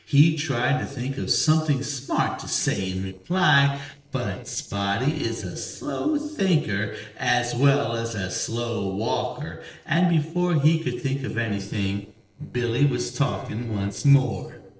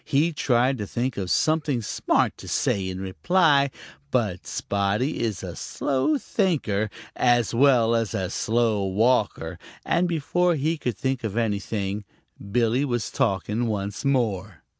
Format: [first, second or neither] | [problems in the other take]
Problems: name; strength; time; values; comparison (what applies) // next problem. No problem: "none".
second | noise reduction (neural separator model SepFormer DNS4)